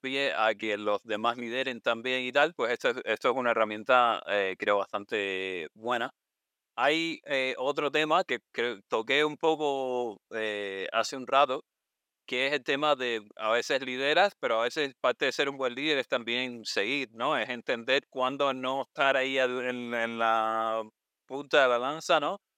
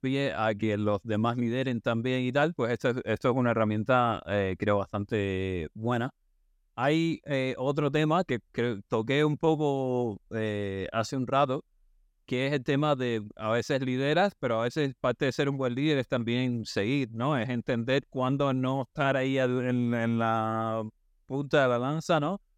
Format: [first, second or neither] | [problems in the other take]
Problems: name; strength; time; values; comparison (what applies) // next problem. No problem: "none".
second | thin; somewhat; fading below 500 Hz